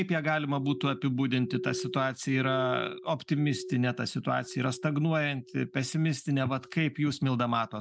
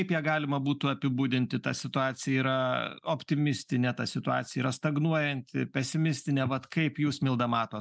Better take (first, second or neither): second